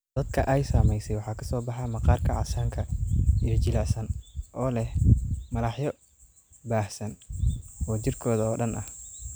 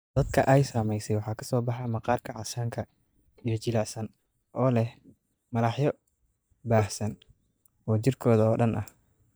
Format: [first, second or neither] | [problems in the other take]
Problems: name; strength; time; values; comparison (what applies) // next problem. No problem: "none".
first | noise reduction (neural mask model DeepFilterNet 3)